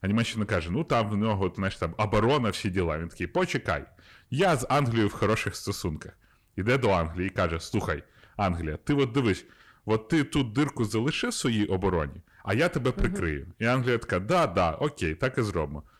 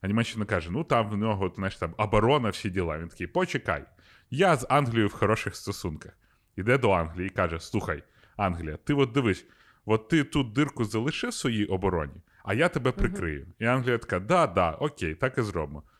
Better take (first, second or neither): second